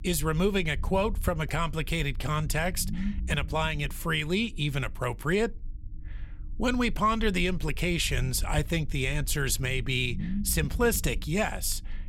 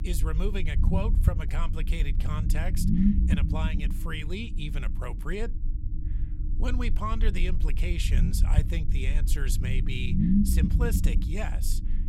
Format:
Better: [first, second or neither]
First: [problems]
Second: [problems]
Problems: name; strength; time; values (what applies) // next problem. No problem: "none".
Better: first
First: low rumble; faint; throughout; 20 dB below the speech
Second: low rumble; loud; throughout; 2 dB below the speech